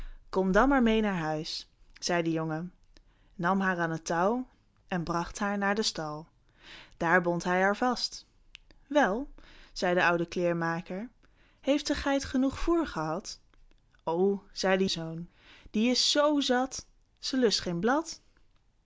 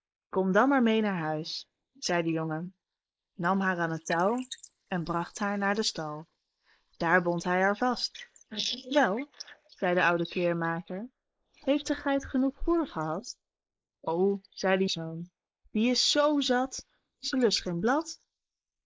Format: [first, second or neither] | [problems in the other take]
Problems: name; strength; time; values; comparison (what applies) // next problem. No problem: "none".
first | noise reduction (neural mask model Resemble Enhance denoiser)